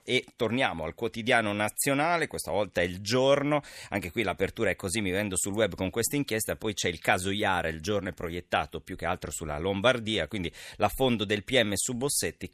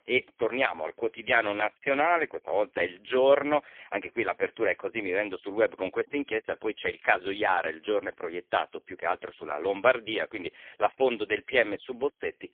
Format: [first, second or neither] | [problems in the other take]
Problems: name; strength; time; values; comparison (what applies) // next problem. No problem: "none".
first | phone-call audio; poor line; nothing above 3.5 kHz